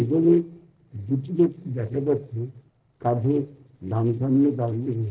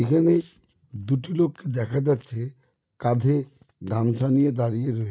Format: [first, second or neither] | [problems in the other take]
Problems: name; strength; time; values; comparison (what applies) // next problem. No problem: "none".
second | noise reduction (neural separator model SepFormer DNS4)